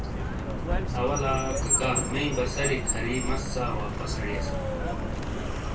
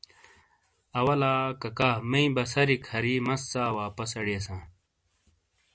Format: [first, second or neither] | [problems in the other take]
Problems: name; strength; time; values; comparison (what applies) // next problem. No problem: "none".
second | background sound (Car); 3 dB above the speech // room echo; dies away in 0.2 s